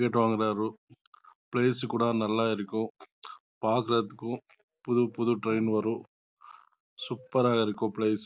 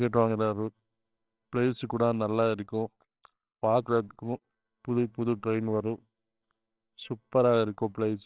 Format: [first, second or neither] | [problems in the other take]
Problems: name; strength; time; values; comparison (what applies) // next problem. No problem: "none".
first | noise reduction (neural separator model SepFormer WHAMR!)